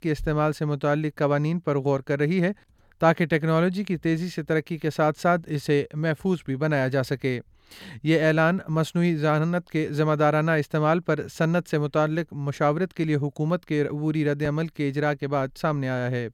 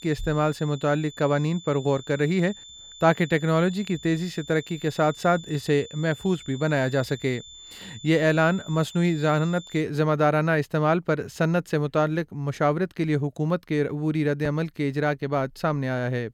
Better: first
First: none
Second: high-pitched whine; noticeable; until 10 s; 3.5 kHz, 20 dB below the speech

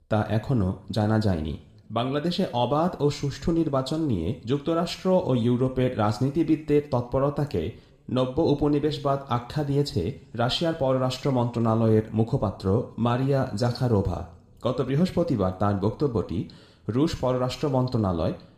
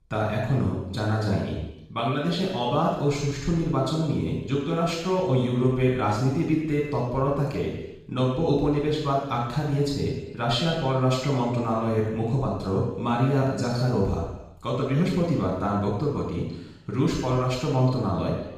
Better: first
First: room echo; slight; dies away in 0.7 s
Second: room echo; strong; dies away in 0.9 s // off-mic speech; far

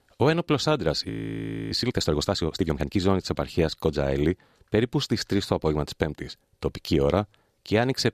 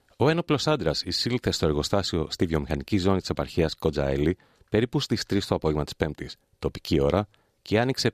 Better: second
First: audio freezing; at 1 s for 0.5 s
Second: none

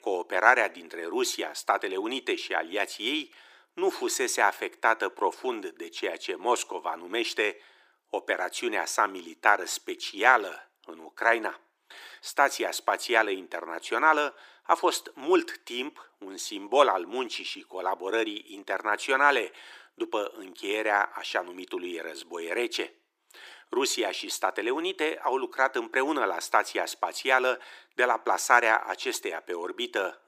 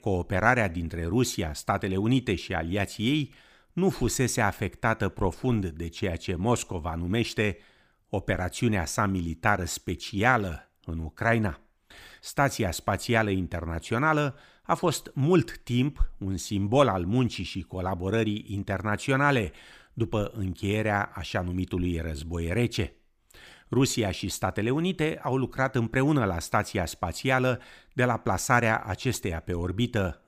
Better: second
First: thin; very; fading below 350 Hz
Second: none

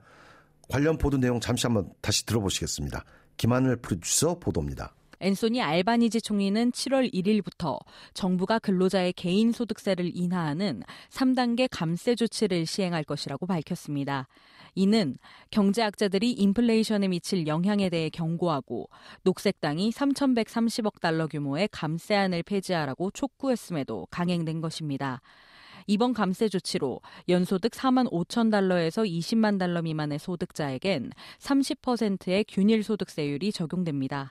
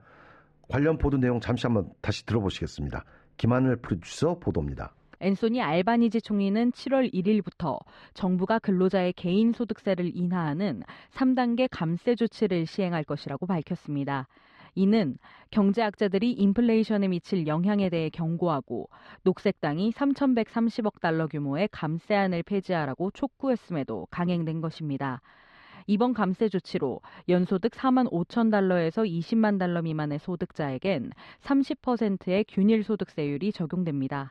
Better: first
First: none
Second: muffled; slightly; fading above 2.5 kHz

